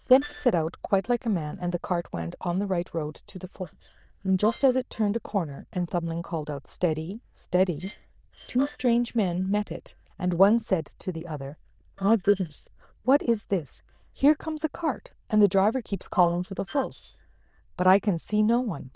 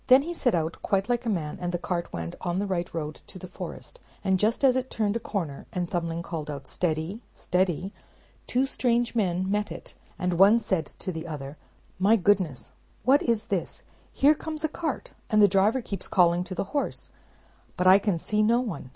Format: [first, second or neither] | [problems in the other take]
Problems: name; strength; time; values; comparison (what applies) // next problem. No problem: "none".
second | noise reduction (neural diffusion model UNIVERSE++)